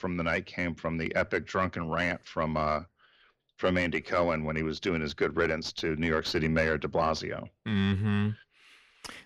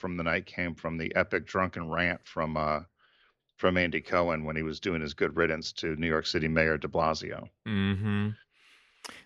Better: second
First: distortion; slight; 10 dB below the speech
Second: none

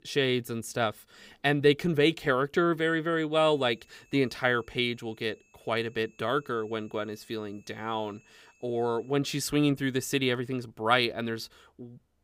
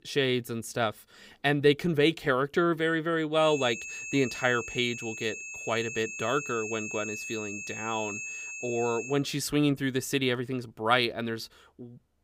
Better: first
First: high-pitched whine; faint; from 3.5 to 9 s; 2.5 kHz, 35 dB below the speech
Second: high-pitched whine; loud; from 3.5 to 9 s; 2.5 kHz, 8 dB below the speech

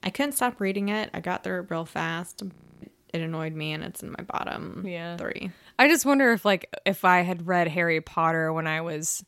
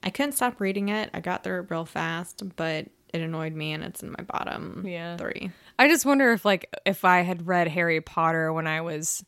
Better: second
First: audio freezing; at 2.5 s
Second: none

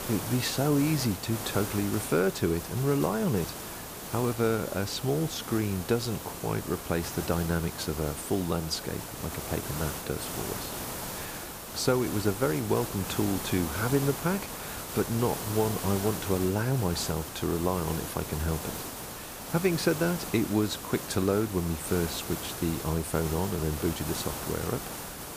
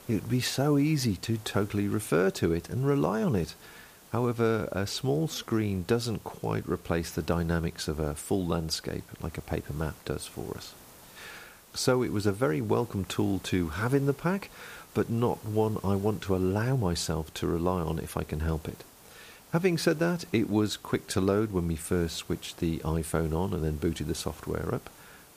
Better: second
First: hiss; loud; throughout; 6 dB below the speech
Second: hiss; faint; throughout; 20 dB below the speech

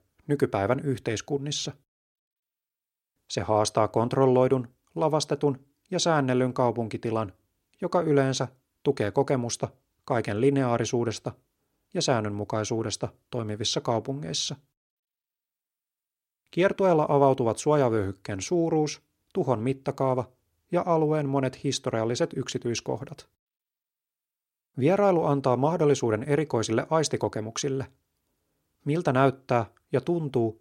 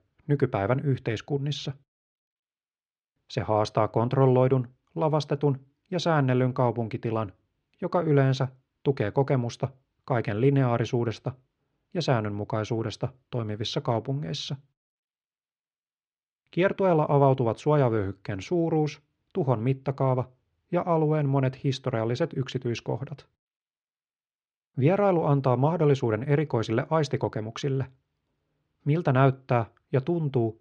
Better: first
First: none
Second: muffled; slightly; fading above 3 kHz

